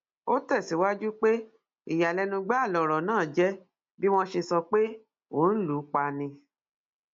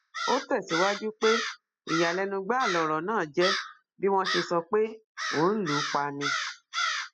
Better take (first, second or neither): first